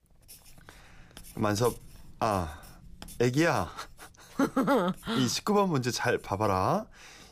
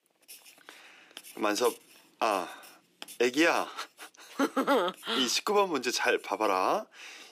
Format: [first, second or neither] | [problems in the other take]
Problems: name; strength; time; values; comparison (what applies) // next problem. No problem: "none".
first | thin; very slightly; fading below 300 Hz